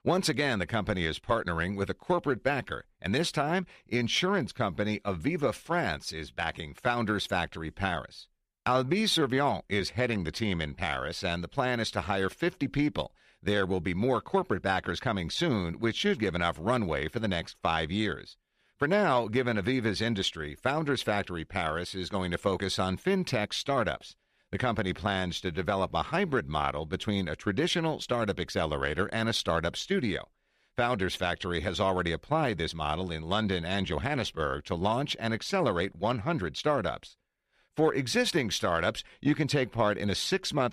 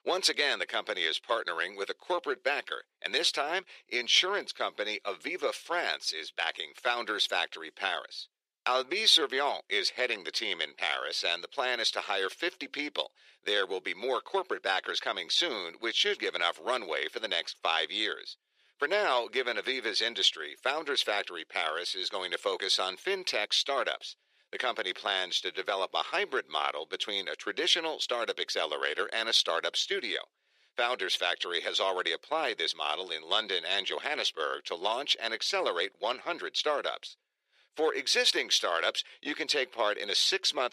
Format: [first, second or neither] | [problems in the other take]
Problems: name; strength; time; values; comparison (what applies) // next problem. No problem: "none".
first | thin; very; fading below 400 Hz